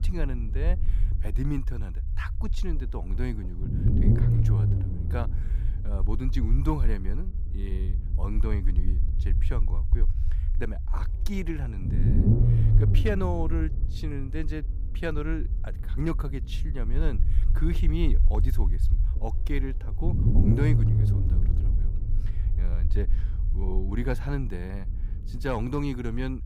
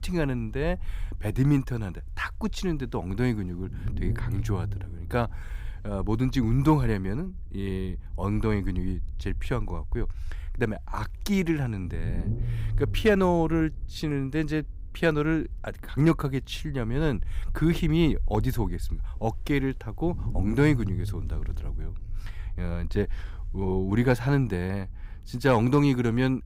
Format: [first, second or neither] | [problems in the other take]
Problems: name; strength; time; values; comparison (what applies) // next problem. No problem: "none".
second | low rumble; loud; throughout; 4 dB below the speech; faint in the second